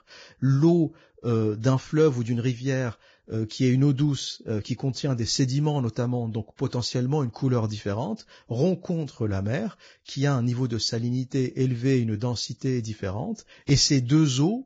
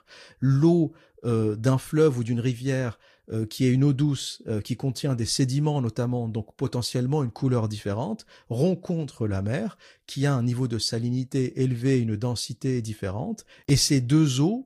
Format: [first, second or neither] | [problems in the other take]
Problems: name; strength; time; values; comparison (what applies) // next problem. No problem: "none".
second | garbled, watery; badly; slightly in the second